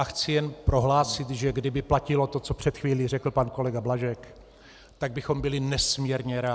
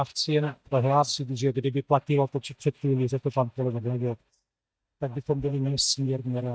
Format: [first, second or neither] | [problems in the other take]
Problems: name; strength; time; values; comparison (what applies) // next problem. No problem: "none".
first | noise reduction (neural mask model DeepFilterNet 3)